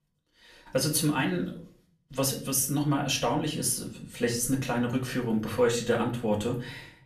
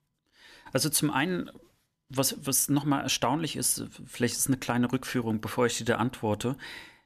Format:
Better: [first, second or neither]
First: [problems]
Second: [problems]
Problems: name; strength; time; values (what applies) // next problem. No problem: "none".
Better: second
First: room echo; slight; dies away in 0.4 s // off-mic speech; far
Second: none